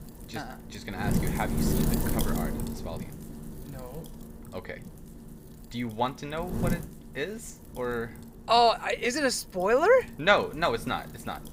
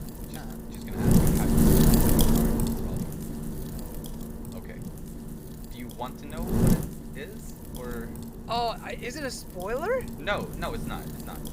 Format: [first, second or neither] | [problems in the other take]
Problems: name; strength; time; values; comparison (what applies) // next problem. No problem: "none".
first | wind noise on the microphone; heavy; 1 dB above the speech; occasional gusts in the first